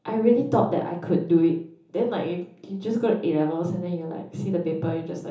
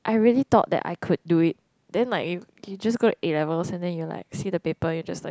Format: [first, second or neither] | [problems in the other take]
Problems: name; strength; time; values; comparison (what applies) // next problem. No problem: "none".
second | room echo; dies away in 1.2 s